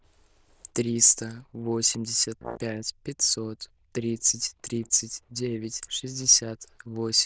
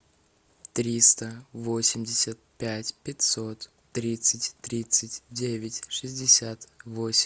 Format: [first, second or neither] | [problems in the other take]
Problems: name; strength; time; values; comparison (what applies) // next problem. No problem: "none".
second | noise reduction (neural diffusion model UNIVERSE++)